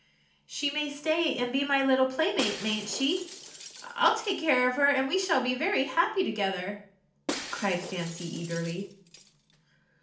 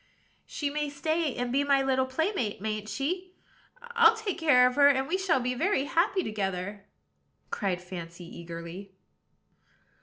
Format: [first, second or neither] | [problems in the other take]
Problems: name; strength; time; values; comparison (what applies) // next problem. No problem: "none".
second | background sound (Shatter); 11 dB below the speech // room echo; dies away in 0.4 s